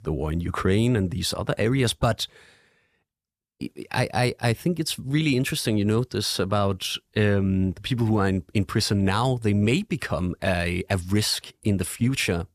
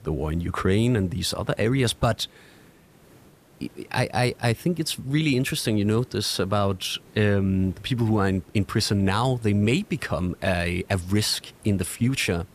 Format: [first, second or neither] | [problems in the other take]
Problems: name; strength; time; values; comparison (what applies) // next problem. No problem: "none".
first | hiss; faint; throughout; 30 dB below the speech